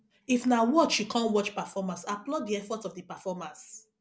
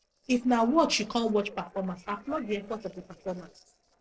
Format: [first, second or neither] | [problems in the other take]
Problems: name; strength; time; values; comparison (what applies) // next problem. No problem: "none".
first | noise reduction (neural separator model SepFormer DNS4)